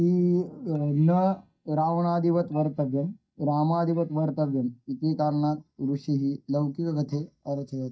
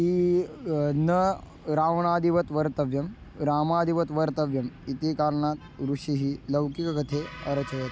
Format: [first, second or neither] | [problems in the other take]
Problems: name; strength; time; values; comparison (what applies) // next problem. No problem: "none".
second | noise reduction (neural mask model DeepFilterNet 3)